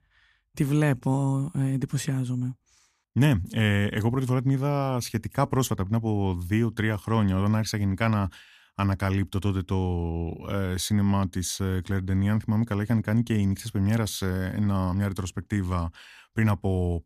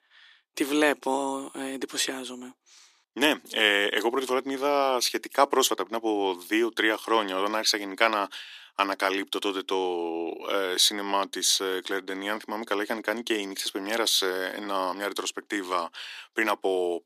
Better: first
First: none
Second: thin; very; fading below 350 Hz

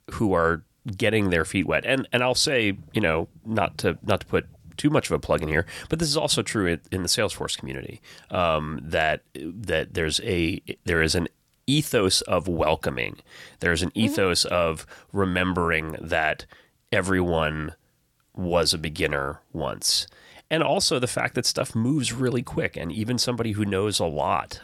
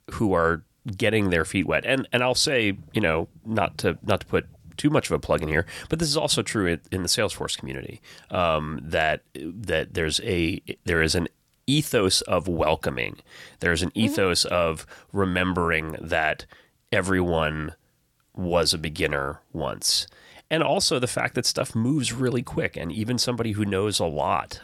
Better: neither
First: none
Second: none

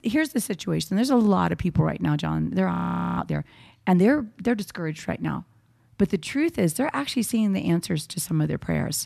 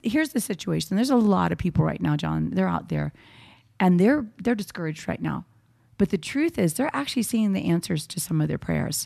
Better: second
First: audio freezing; at 2.5 s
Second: none

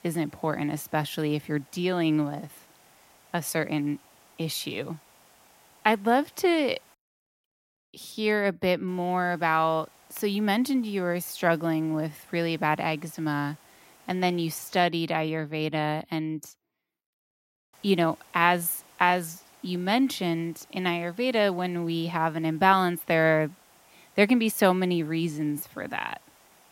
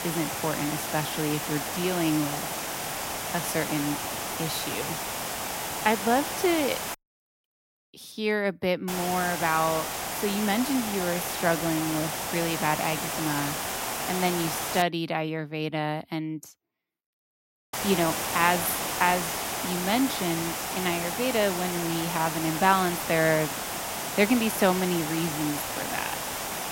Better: first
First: hiss; faint; until 7 s, from 9 to 15 s and from 18 s on; 30 dB below the speech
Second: hiss; loud; until 7 s, from 9 to 15 s and from 18 s on; 2 dB below the speech

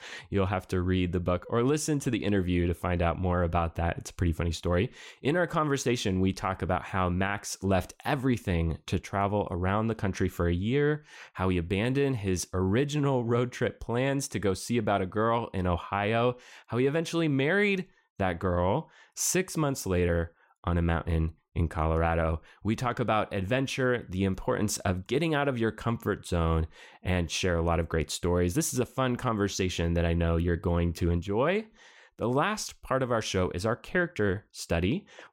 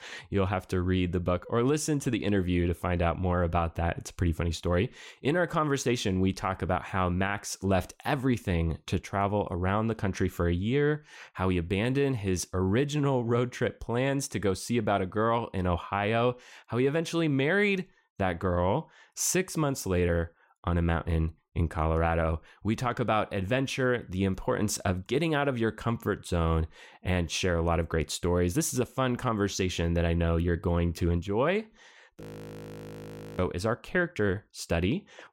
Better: first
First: none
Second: audio freezing; at 32 s for 1 s

